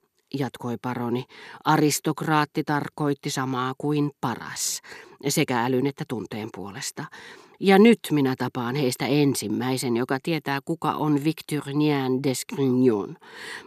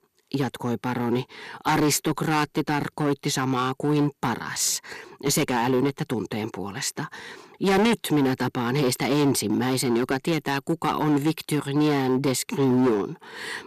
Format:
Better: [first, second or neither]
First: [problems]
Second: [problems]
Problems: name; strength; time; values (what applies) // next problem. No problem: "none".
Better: first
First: none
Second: distortion; heavy; 10% of the sound clipped